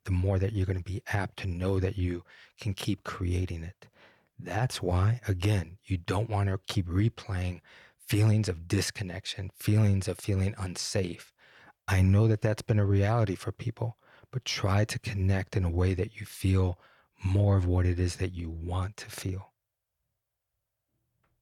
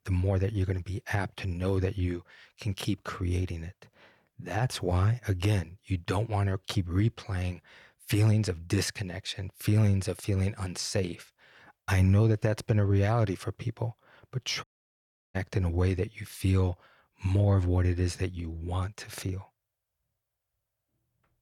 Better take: first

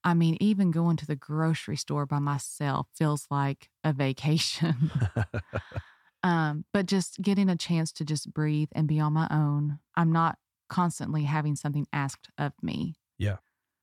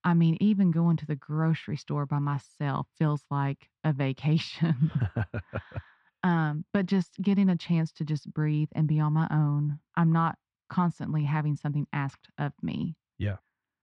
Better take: first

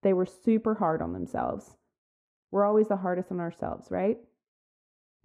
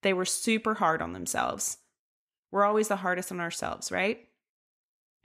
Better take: second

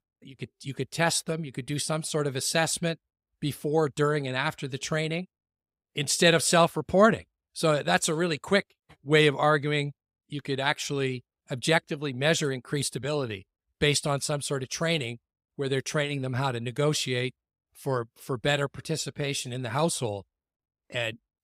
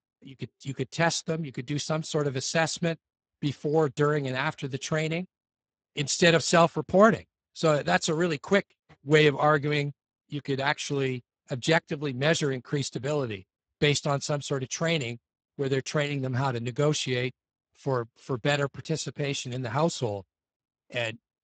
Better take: first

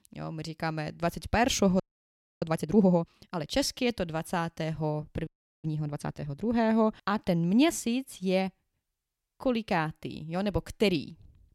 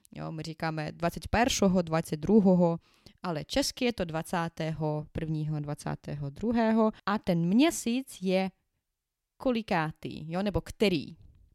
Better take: second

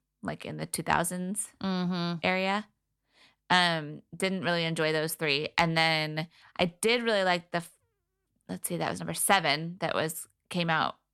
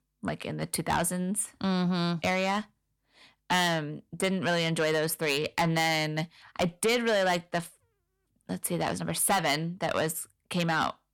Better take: first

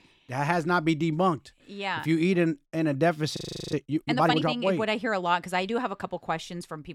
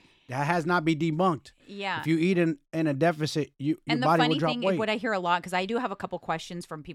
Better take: second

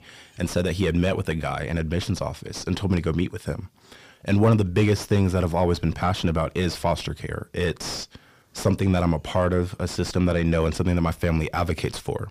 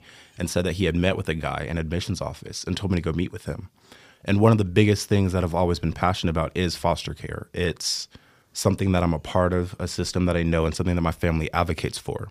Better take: second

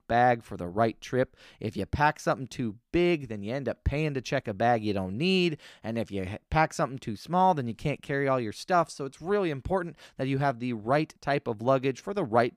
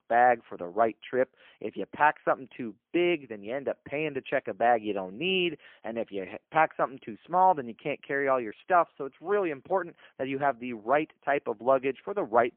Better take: first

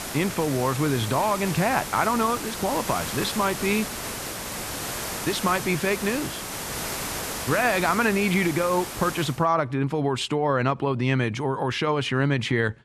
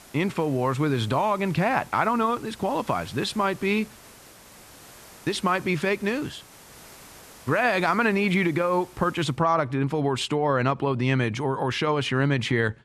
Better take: second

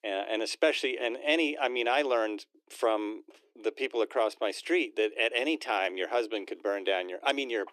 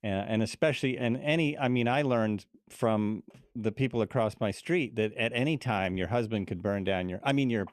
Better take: second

